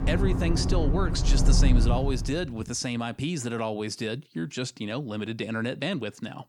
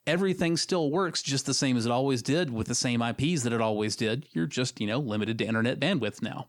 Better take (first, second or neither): second